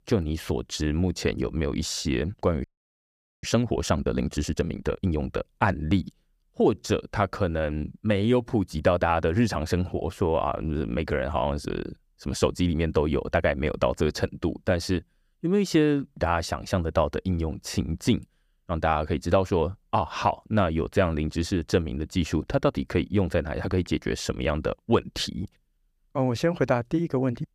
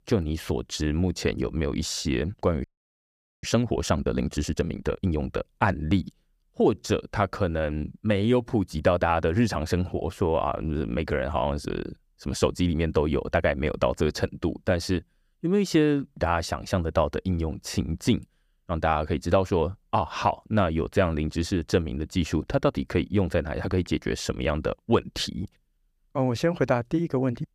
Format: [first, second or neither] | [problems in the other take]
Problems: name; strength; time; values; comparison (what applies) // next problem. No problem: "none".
neither | audio freezing; at 2.5 s for 1 s; the same in both